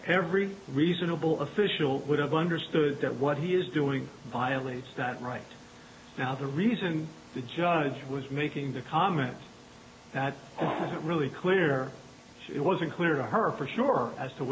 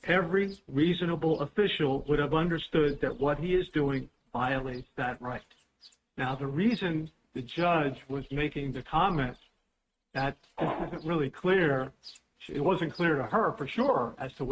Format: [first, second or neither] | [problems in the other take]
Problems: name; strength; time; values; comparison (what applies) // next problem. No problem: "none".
first | noise reduction (neural mask model RNNoise)